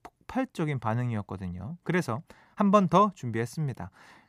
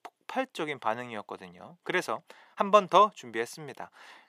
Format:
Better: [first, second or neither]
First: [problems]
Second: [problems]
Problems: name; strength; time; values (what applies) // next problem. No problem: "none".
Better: first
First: none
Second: thin; very; fading below 450 Hz